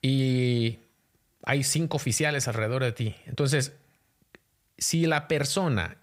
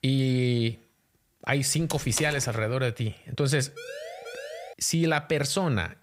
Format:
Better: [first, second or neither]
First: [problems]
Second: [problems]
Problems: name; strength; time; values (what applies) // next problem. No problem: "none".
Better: first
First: none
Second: door banging; noticeable; at 2 s; peak 9 dB below the speech // siren; faint; at 4 s; peak 10 dB below the speech